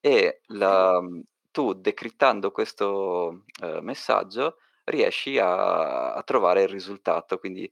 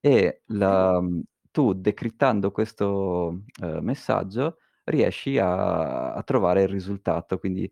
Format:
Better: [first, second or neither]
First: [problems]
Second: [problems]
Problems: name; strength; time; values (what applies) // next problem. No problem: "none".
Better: second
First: thin; somewhat; fading below 450 Hz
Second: none